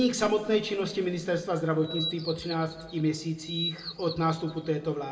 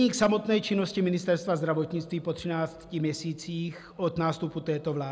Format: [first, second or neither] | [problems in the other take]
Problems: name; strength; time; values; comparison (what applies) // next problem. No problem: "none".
second | background sound (Bird vocalization, bird call, bird song); 10 dB below the speech // room echo; dies away in 1.7 s